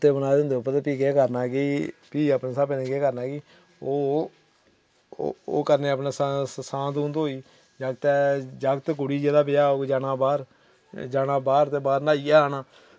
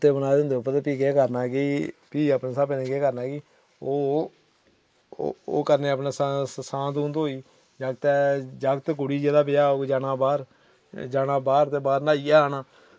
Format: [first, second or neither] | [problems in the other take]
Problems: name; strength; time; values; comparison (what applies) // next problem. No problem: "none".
first | noise reduction (neural mask model Resemble Enhance denoiser)